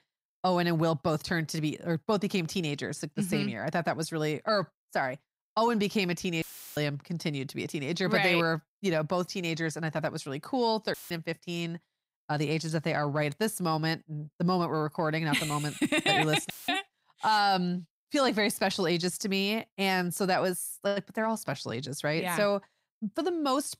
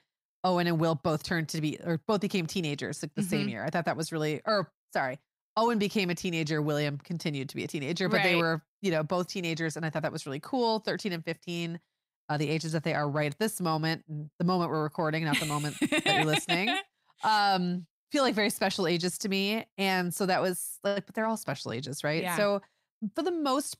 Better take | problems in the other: second | audio cutting out; filled with static; at 6.5 s, at 11 s and at 17 s

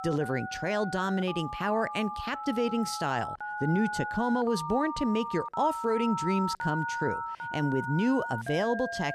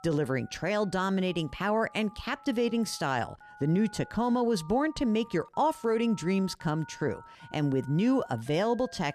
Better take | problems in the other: second | alarms or sirens; loud; throughout; 5 dB below the speech; faint in the second

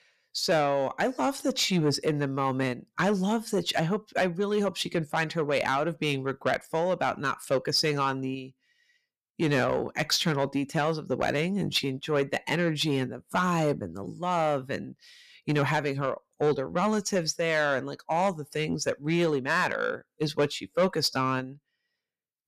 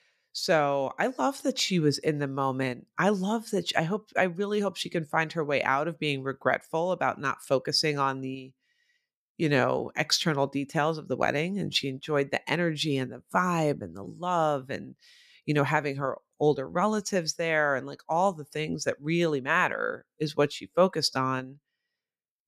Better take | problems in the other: second | distortion; slight; 10 dB below the speech

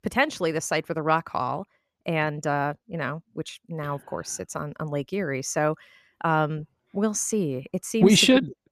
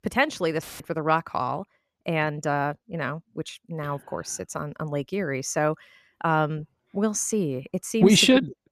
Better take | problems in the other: first | audio cutting out; filled with static; at 0.5 s

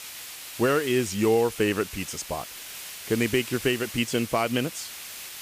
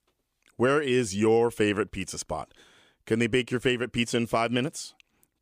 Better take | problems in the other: second | hiss; noticeable; throughout; 10 dB below the speech

